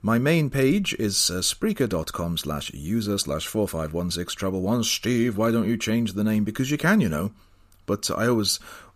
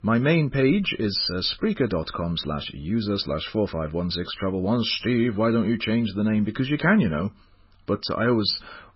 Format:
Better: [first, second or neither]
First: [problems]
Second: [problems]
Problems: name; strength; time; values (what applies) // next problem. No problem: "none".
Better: first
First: none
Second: garbled, watery; badly; nothing above 5.5 kHz